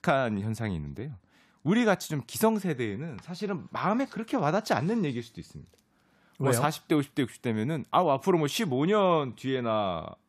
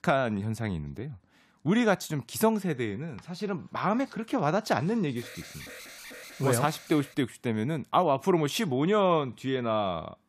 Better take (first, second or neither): first